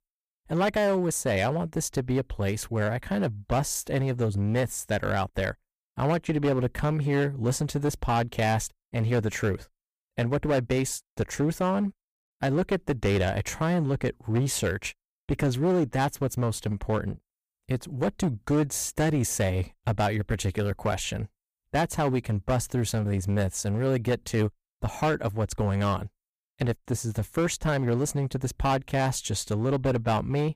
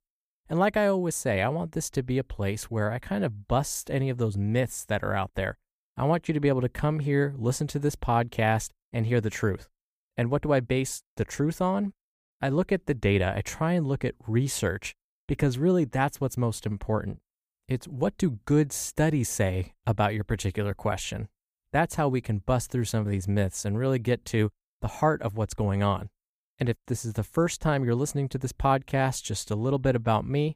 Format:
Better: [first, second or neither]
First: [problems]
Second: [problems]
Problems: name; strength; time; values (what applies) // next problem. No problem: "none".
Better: second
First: distortion; slight; 9% of the sound clipped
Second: none